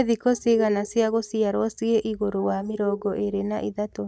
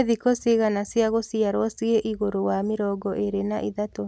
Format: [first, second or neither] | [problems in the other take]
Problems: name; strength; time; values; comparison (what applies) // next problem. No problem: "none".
second | noise reduction (neural mask model DeepFilterNet 3)